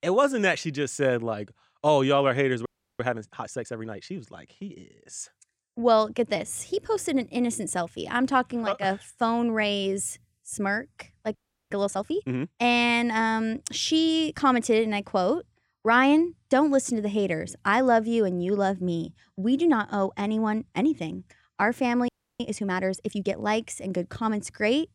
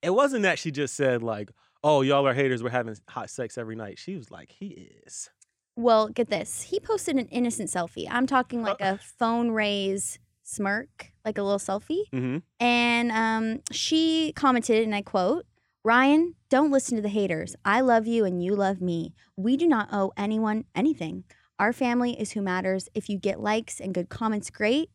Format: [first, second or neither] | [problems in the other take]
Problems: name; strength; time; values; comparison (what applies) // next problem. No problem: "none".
second | audio freezing; at 2.5 s, at 11 s and at 22 s